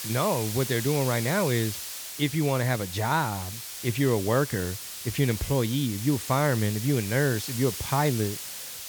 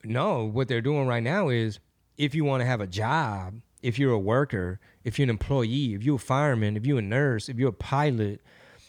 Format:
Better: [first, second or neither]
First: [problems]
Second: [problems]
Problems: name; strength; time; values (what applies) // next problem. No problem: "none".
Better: second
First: hiss; loud; throughout; 7 dB below the speech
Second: none